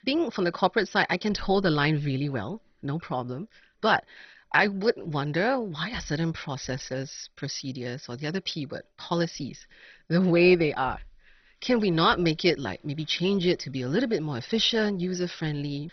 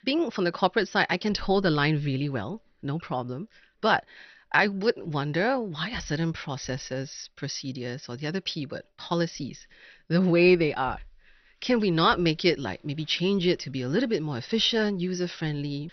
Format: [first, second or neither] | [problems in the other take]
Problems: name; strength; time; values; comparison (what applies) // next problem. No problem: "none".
second | garbled, watery; badly; nothing above 6 kHz; slightly in the second